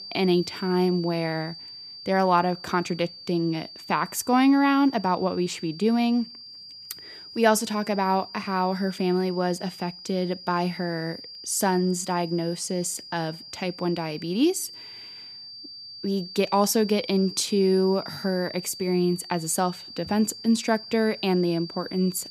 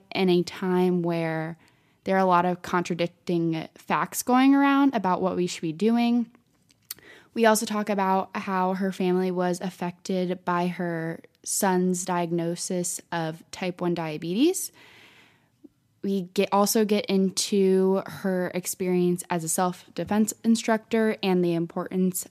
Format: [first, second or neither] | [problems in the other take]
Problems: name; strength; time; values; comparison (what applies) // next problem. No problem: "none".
second | high-pitched whine; noticeable; throughout; 4.5 kHz, 15 dB below the speech